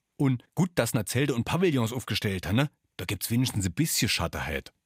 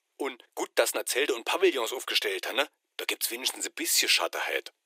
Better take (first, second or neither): first